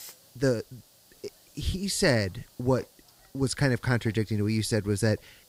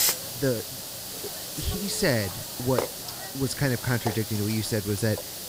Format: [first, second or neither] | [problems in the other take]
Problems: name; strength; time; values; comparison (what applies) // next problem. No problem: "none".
first | hiss; loud; throughout; 4 dB below the speech; faint in the first